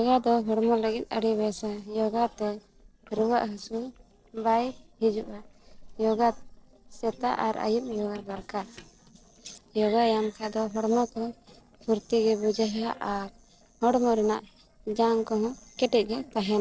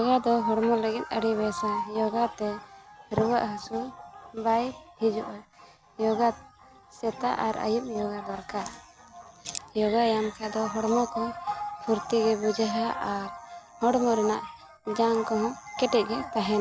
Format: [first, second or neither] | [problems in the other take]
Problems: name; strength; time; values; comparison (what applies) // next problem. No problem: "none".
second | noise reduction (neural separator model SepFormer DNS4)